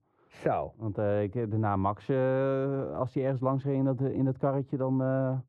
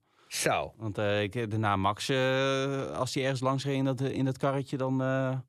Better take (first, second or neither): second